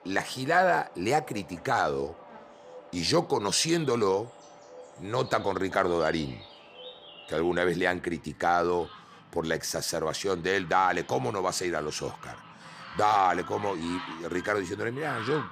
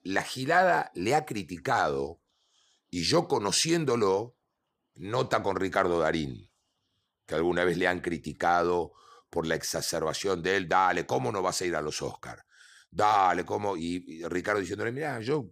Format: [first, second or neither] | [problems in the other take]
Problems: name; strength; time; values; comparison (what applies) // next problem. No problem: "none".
second | animal sounds; noticeable; throughout; 15 dB below the speech